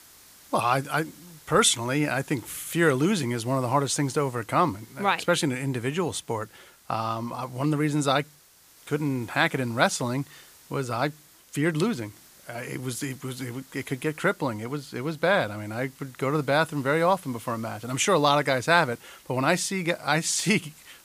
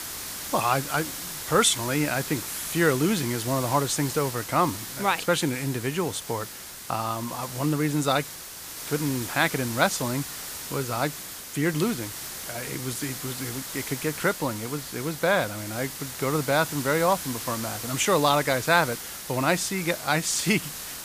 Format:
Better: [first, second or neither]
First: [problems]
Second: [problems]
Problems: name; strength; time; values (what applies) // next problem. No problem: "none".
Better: first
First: hiss; faint; throughout; 25 dB below the speech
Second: hiss; loud; throughout; 8 dB below the speech